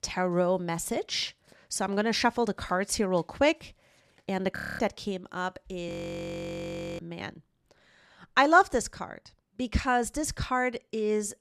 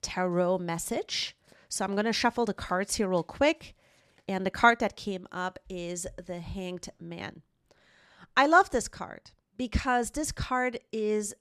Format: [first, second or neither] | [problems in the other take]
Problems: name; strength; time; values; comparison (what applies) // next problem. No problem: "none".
second | audio freezing; at 4.5 s and at 6 s for 1 s